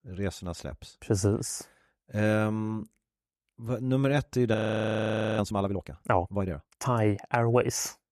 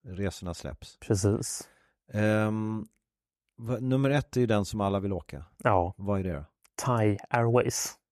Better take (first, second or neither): second